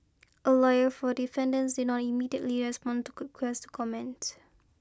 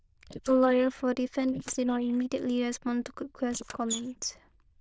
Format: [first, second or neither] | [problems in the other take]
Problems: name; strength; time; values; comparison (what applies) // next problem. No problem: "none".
first | noise reduction (neural diffusion model UNIVERSE++)